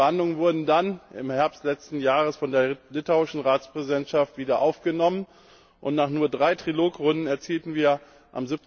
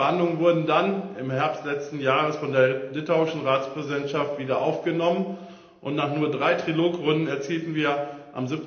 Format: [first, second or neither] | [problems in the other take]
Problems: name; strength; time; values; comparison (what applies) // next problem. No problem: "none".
first | room echo; dies away in 0.9 s